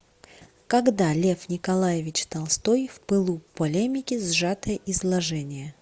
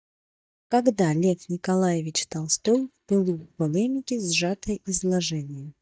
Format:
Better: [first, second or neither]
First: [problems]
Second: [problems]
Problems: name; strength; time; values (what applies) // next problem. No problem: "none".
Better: first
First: none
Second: noise reduction (neural mask model DeepFilterNet 3)